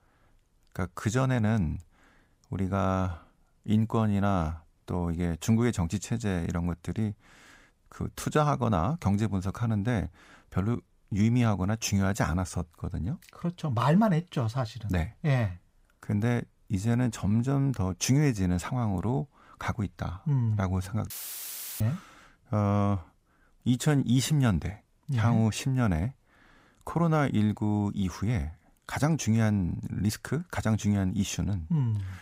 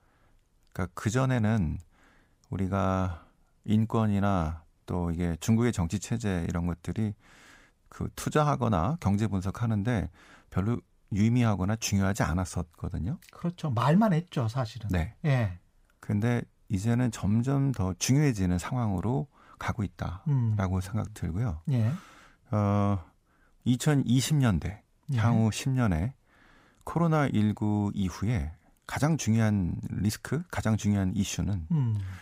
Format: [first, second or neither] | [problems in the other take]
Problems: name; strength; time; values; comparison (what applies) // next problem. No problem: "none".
second | audio cutting out; filled with static; at 21 s for 0.5 s